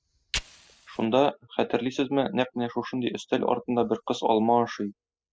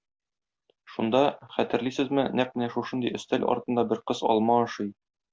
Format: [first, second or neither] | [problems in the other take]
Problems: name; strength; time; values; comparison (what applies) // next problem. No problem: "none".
second | noise reduction (classical method spectral subtraction)